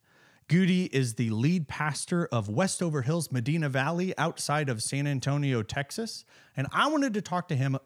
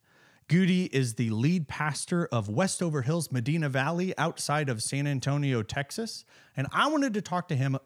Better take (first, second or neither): neither